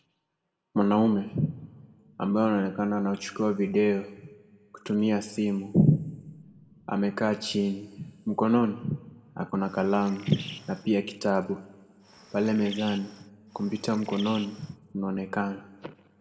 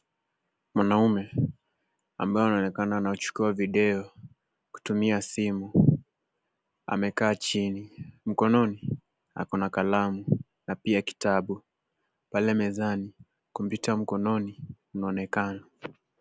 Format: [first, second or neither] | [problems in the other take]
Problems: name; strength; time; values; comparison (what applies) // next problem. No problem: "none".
second | background sound (Bird); 17 dB below the speech // room echo; dies away in 0.9 s